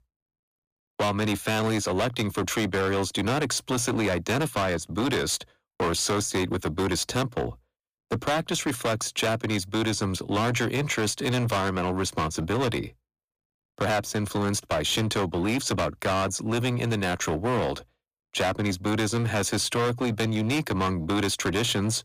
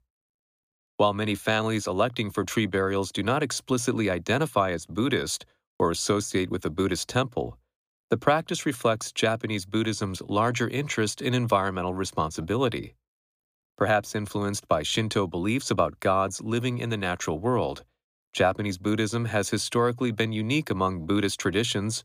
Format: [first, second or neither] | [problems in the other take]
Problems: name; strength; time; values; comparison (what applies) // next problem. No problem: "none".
second | distortion; heavy; 20% of the sound clipped